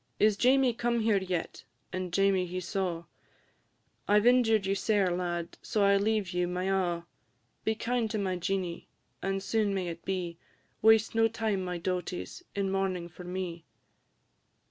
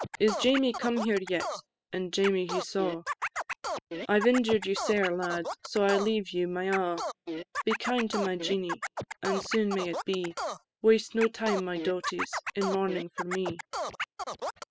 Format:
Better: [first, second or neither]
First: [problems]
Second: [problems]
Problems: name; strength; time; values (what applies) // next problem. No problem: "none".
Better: first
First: none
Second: noise reduction (classical method spectral subtraction)